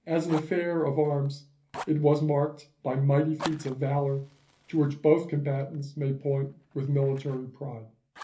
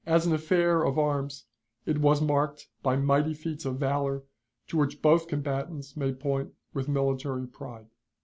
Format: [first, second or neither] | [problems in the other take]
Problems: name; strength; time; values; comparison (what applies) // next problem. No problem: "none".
second | background sound (Fire); 19 dB below the speech // room echo; dies away in 0.3 s